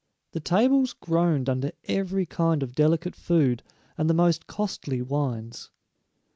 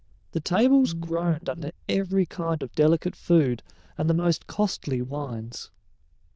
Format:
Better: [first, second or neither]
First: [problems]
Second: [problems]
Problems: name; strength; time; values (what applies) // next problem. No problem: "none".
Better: first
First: none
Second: noise reduction (neural diffusion model UNIVERSE++)